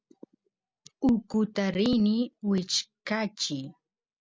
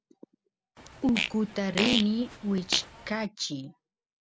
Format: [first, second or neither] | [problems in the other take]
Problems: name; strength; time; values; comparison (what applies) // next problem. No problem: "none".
first | background sound (Fart); 3 dB below the speech